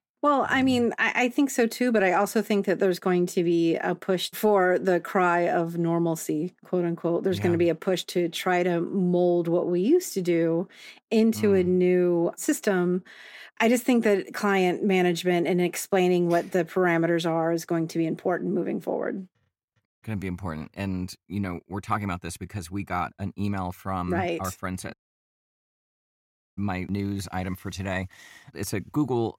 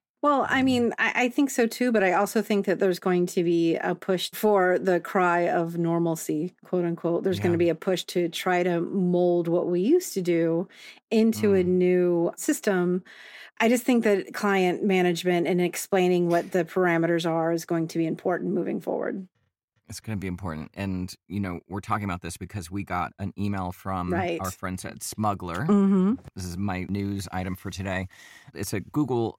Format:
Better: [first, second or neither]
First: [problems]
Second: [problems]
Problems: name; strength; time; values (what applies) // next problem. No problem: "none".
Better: second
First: audio cutting out; at 20 s and at 25 s for 1.5 s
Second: none